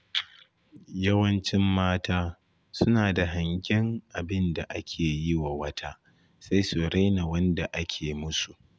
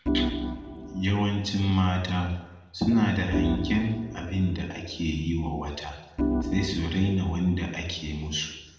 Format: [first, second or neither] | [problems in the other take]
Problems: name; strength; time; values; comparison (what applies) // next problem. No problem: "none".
first | background sound (Organ); 4 dB below the speech // room echo; dies away in 1 s